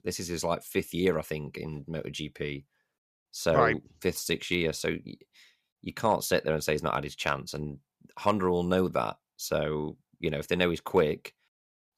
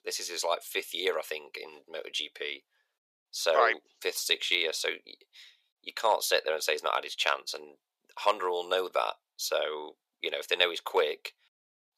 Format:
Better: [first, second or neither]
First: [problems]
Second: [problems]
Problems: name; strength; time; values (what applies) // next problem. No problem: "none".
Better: first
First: none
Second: thin; very; fading below 450 Hz